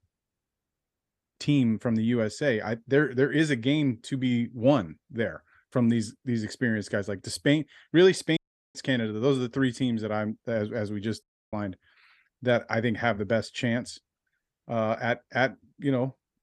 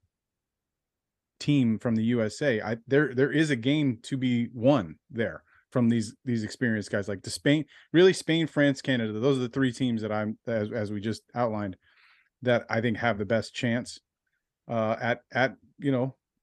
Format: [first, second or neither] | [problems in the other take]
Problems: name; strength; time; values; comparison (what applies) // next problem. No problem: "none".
second | audio cutting out; at 8.5 s and at 11 s